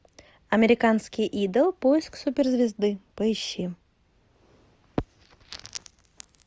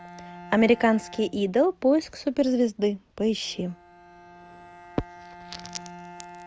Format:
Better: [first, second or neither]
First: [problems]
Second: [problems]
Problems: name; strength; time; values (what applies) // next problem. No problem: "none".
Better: first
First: none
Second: background sound (Bowed string instrument); 20 dB below the speech